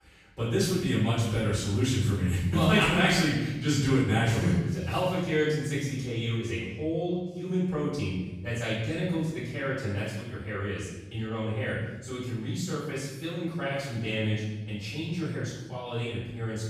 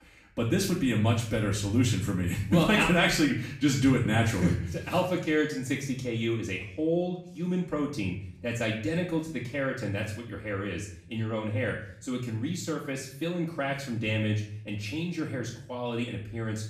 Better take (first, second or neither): second